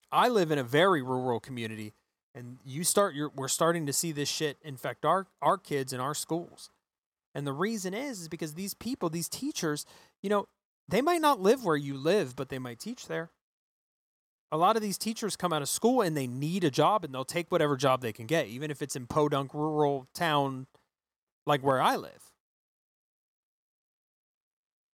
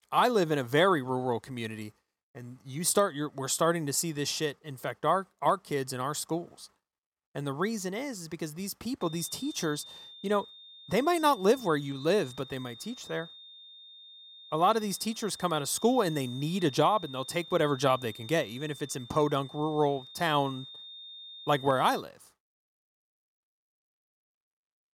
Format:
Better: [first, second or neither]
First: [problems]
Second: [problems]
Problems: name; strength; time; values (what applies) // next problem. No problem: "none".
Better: first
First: none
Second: high-pitched whine; noticeable; from 9 to 22 s; 3.5 kHz, 15 dB below the speech